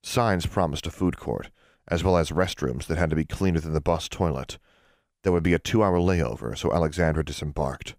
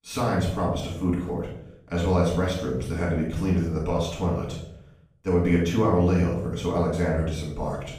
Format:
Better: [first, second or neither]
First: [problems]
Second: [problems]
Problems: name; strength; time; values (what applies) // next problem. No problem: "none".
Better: first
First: none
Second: off-mic speech; far // room echo; noticeable; dies away in 0.6 s